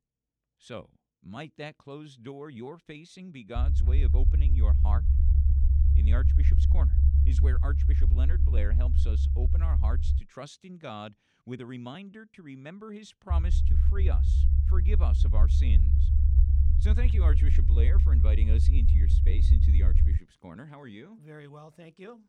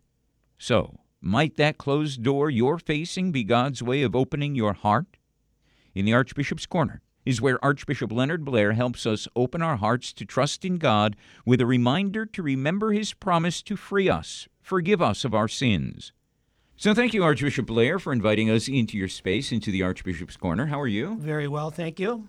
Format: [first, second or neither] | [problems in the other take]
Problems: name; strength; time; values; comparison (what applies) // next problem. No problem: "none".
second | low rumble; loud; from 3.5 to 10 s and from 13 to 20 s; as loud as the speech